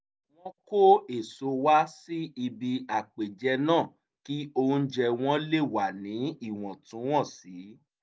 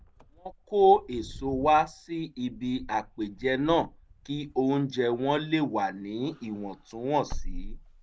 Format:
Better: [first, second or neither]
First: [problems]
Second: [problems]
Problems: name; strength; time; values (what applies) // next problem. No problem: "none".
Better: first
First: none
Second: background sound (Wind / Car); 14 dB below the speech